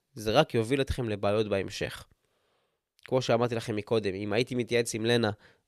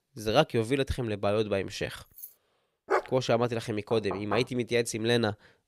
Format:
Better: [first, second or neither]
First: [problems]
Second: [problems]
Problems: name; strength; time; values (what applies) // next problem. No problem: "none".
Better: first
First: none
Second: jangling keys; faint; at 2 s; peak 15 dB below the speech // dog barking; noticeable; at 3 s; peak 2 dB below the speech // door banging; noticeable; at 4 s; peak 9 dB below the speech